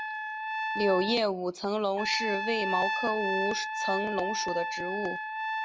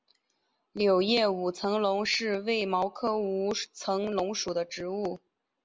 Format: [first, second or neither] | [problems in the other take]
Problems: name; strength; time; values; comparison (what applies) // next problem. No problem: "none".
second | background sound (Trumpet); 2 dB below the speech